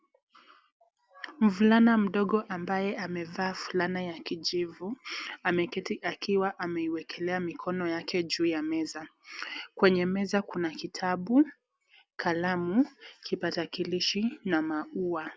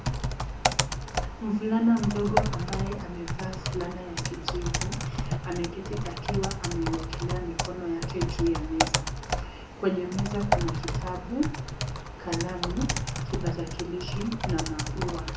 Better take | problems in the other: first | background sound (Typing); 1 dB above the speech // room echo; dies away in 0.6 s

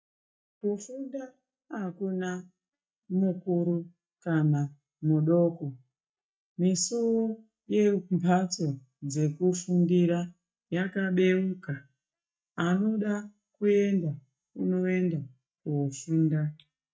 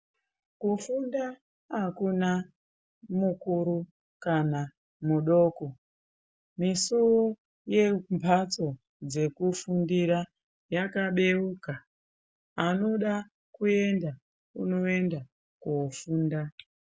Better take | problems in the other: second | noise reduction (neural mask model DeepFilterNet 3)

